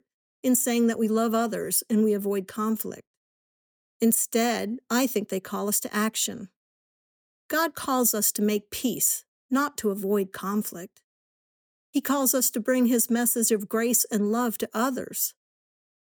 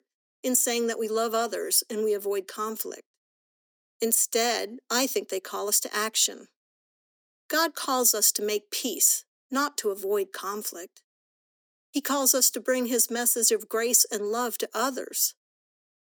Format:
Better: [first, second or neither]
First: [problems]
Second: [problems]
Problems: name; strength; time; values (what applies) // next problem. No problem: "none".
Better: first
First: none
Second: thin; somewhat; fading below 300 Hz